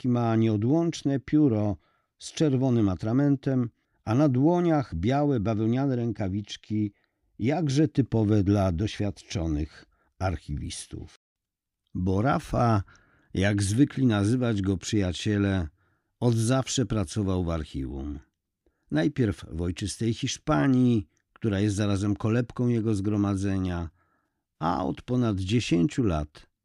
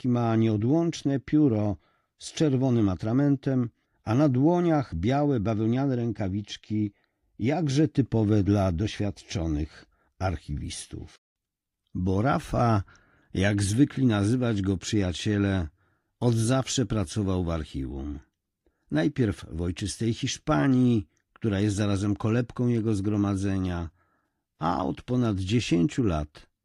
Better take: first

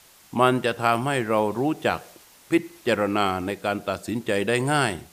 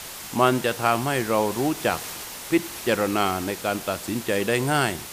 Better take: first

